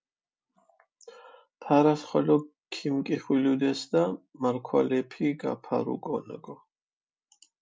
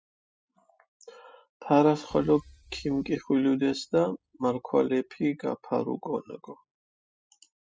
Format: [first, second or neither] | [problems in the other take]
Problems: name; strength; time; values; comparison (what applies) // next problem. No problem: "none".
first | noise reduction (classical method spectral subtraction)